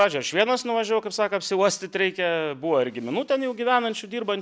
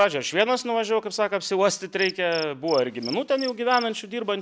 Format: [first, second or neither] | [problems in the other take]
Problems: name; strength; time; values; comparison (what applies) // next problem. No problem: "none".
first | background sound (Cricket); 17 dB below the speech